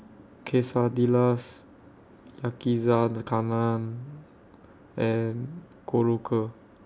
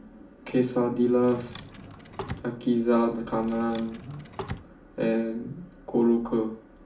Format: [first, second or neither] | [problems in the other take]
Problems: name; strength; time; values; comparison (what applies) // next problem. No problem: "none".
first | background sound (Drawer open or close); 14 dB below the speech // room echo; dies away in 0.4 s